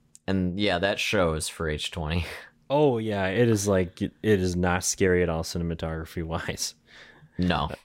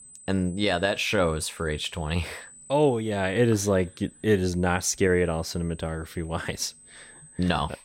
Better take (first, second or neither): first